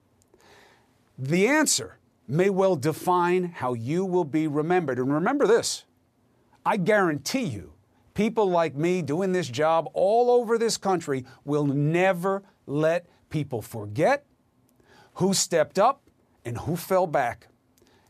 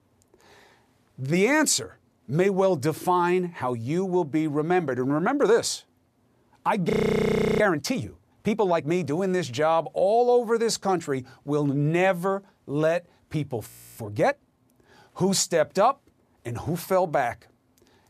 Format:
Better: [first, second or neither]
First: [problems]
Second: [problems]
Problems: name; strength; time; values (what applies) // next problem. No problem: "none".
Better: first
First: none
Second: audio freezing; at 7 s for 0.5 s and at 14 s